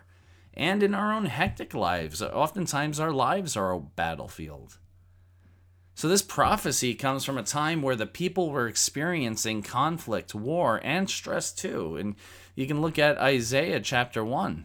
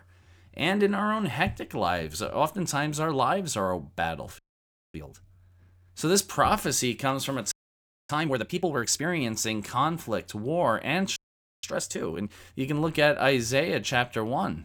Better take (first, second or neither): first